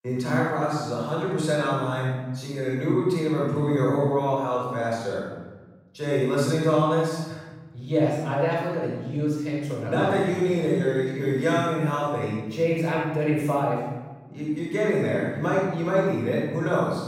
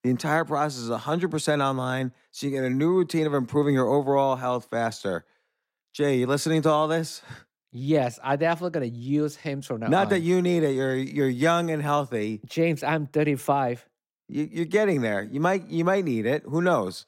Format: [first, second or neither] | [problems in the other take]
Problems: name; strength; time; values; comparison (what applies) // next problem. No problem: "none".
second | off-mic speech; far // room echo; strong; dies away in 1.2 s